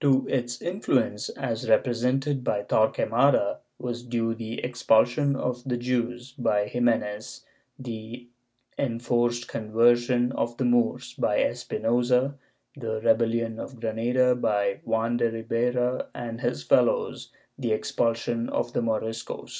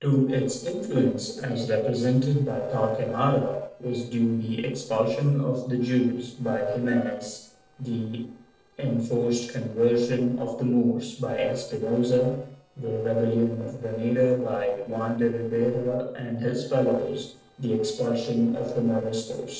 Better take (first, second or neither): first